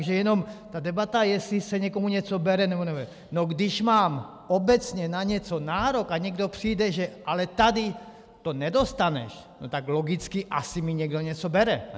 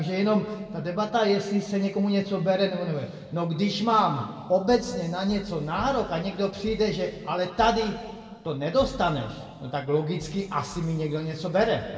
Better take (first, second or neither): first